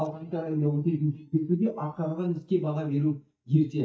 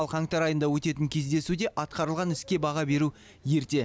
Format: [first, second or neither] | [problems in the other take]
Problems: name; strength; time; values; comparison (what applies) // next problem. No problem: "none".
second | noise reduction (neural mask model DeepFilterNet 3)